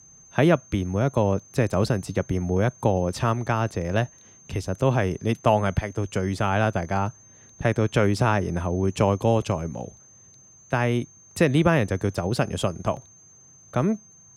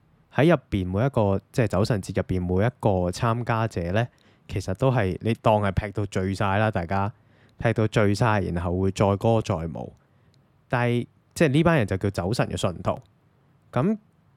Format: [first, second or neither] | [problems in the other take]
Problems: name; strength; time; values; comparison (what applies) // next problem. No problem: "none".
second | high-pitched whine; faint; throughout; 6.5 kHz, 25 dB below the speech